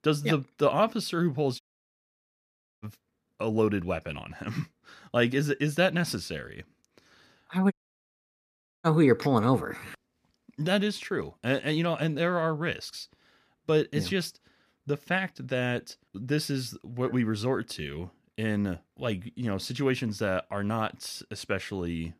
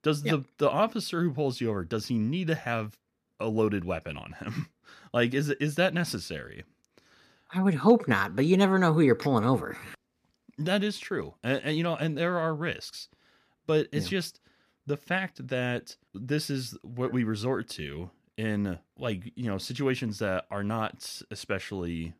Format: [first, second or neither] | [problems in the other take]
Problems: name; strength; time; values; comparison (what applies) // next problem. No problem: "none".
second | audio cutting out; at 1.5 s for 1 s and at 7.5 s for 1 s